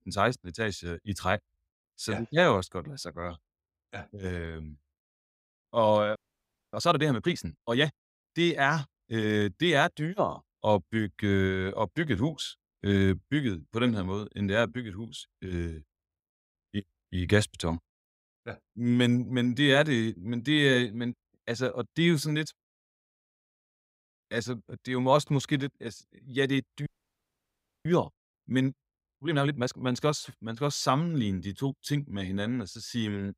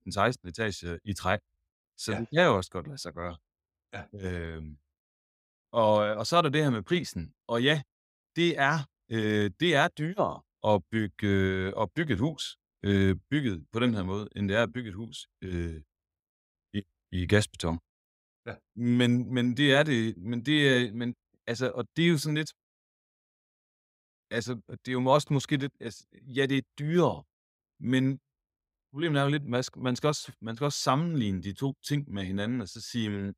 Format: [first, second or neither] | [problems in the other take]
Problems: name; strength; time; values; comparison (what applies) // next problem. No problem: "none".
second | audio freezing; at 6 s for 0.5 s and at 27 s for 1 s